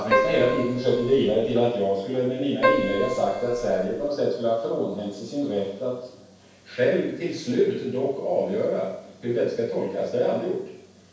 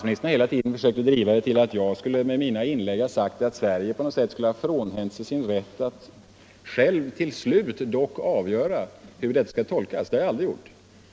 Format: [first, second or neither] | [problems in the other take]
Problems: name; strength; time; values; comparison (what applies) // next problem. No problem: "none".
second | background sound (Keyboard (musical)); 2 dB below the speech // room echo; dies away in 0.7 s